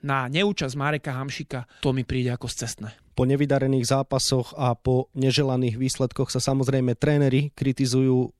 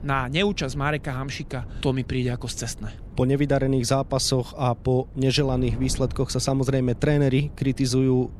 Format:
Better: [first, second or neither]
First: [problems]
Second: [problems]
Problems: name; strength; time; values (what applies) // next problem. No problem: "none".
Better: first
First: none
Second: wind noise on the microphone; occasional gusts; 25 dB below the speech